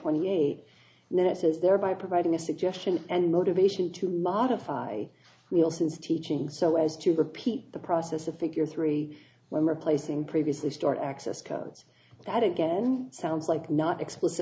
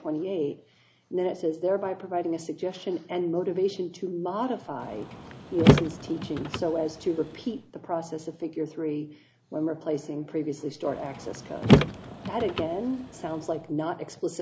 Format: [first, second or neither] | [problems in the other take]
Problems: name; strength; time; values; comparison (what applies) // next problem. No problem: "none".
first | background sound (Car); 3 dB above the speech